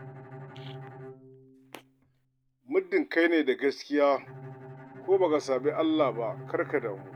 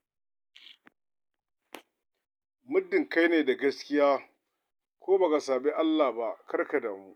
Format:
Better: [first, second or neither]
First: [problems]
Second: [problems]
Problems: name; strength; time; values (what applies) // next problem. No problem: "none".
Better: second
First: background sound (Bowed string instrument); 17 dB below the speech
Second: none